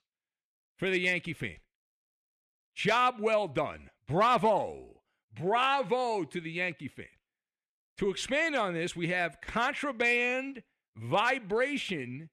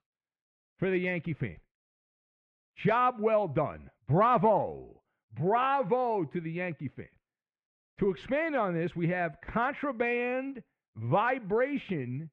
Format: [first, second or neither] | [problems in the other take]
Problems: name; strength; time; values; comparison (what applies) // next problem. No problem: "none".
first | muffled; very; fading above 1.5 kHz